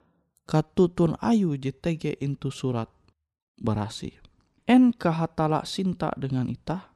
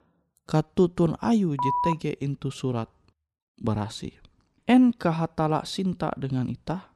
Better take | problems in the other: first | phone ringing; loud; at 1.5 s; peak level with the speech

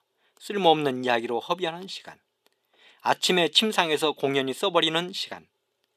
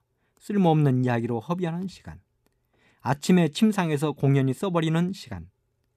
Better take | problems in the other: second | thin; very; fading below 500 Hz

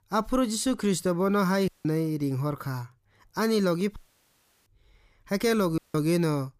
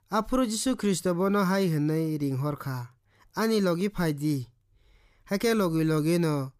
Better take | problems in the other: second | audio cutting out; at 1.5 s, at 4 s for 0.5 s and at 6 s

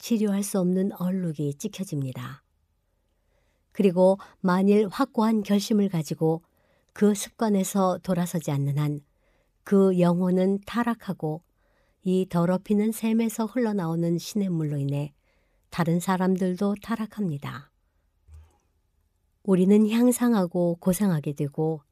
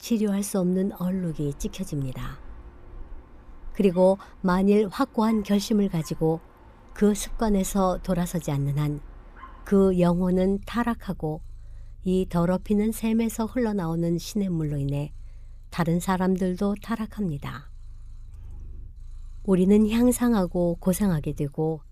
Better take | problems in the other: first | animal sounds; faint; throughout; 20 dB below the speech

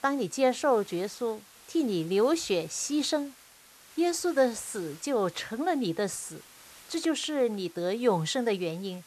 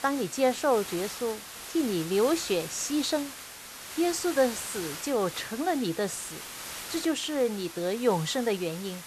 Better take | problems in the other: first | hiss; loud; throughout; 10 dB below the speech; faint in the first

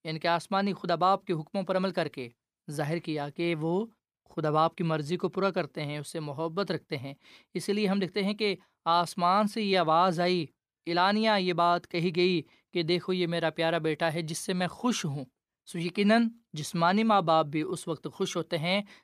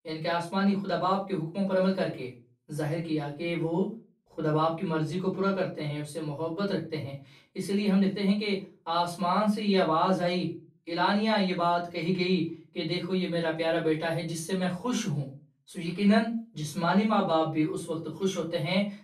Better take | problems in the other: first | room echo; slight; dies away in 0.3 s // off-mic speech; far

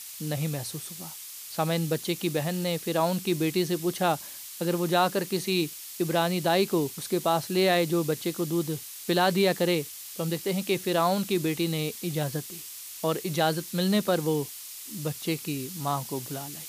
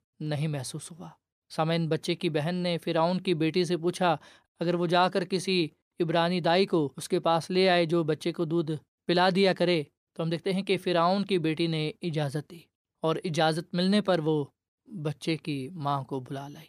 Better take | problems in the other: second | hiss; noticeable; throughout; 10 dB below the speech

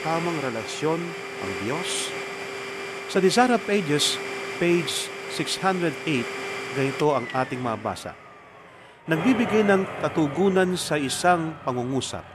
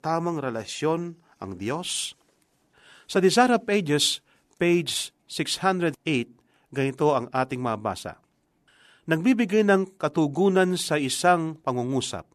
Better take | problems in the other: second | household noises; loud; throughout; 8 dB below the speech

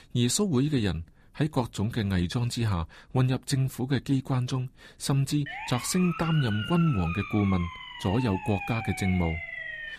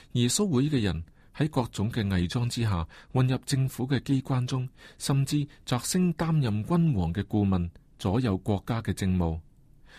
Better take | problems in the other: second | siren; noticeable; from 5.5 s on; peak 7 dB below the speech

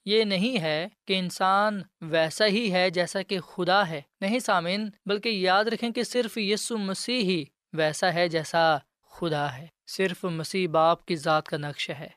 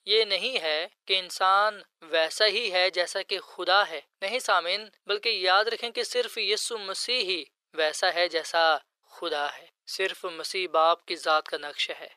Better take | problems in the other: first | thin; very; fading below 400 Hz

